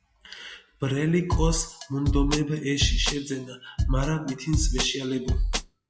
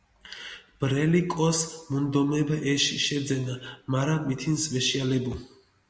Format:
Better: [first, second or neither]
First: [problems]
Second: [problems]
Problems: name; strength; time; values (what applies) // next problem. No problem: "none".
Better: second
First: noise reduction (classical method log-MMSE)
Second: none